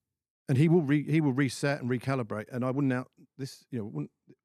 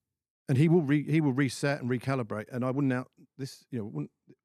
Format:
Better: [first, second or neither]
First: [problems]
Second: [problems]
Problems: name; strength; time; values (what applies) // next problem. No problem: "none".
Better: neither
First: none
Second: none